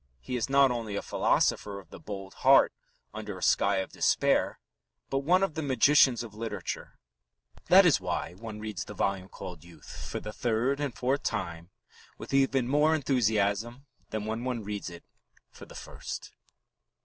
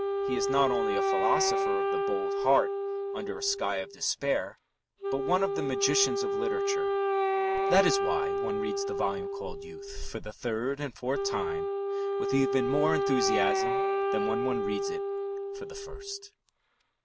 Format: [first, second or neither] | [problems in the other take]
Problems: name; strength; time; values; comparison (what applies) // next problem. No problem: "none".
first | background sound (Wind instrument, woodwind instrument); 2 dB above the speech